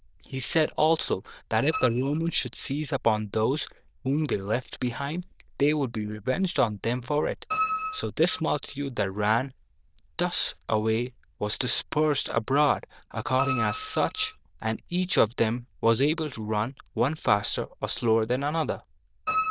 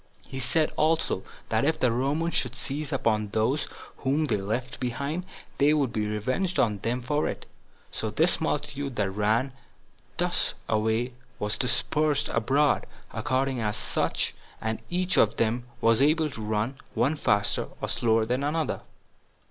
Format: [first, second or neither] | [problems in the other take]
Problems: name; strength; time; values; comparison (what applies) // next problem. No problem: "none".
second | noise reduction (neural diffusion model UNIVERSE++)